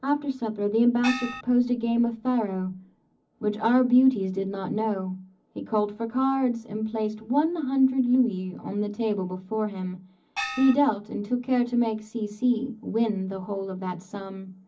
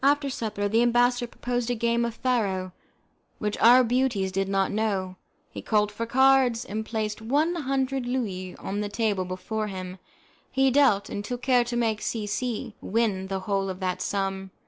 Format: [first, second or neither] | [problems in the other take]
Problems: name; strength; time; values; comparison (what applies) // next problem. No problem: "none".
second | background sound (Gong); 6 dB below the speech // room echo; dies away in 0.4 s